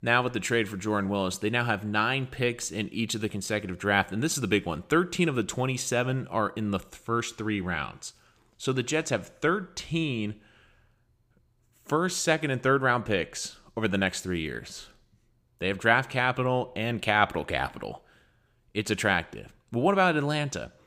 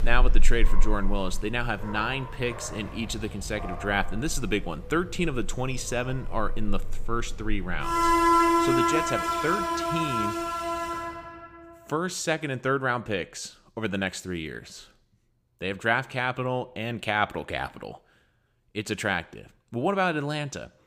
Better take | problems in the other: first | animal sounds; very loud; until 11 s; 2 dB above the speech

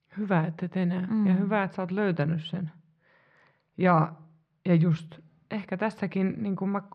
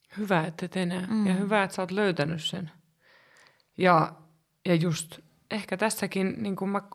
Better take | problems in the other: second | muffled; slightly; fading above 2.5 kHz

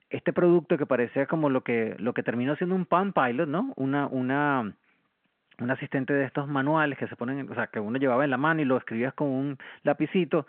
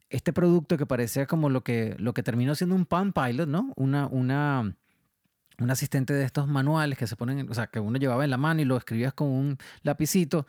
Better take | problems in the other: second | phone-call audio

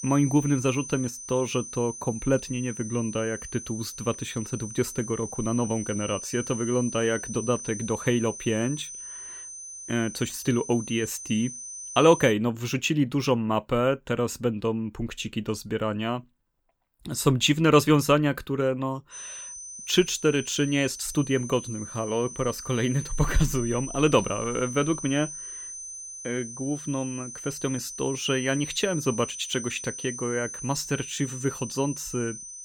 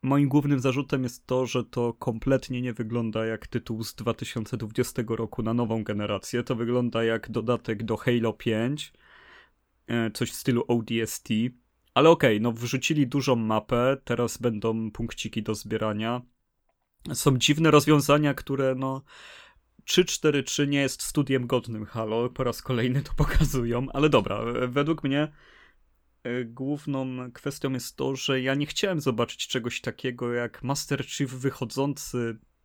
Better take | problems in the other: second | high-pitched whine; loud; until 12 s and from 19 s on; 6 kHz, 10 dB below the speech

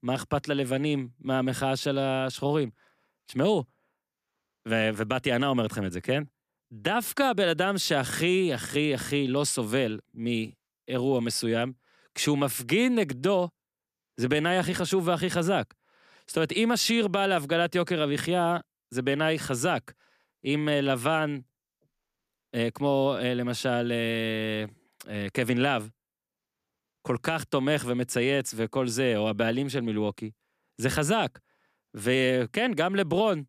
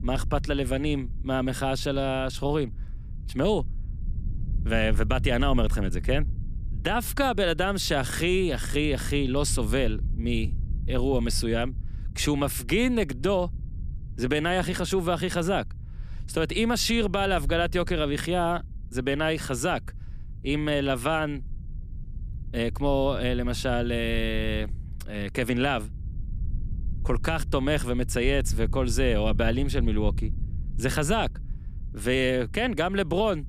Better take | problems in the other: first | low rumble; faint; throughout; 25 dB below the speech

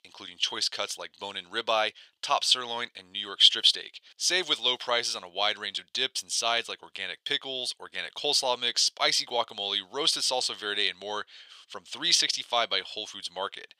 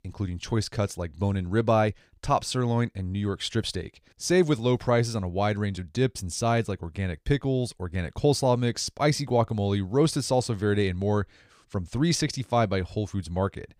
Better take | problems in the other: second | thin; very; fading below 800 Hz

